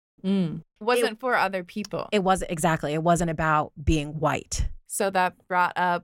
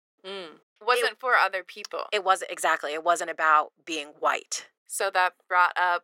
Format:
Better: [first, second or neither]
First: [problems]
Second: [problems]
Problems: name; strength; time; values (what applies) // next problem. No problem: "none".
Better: first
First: none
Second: thin; very; fading below 400 Hz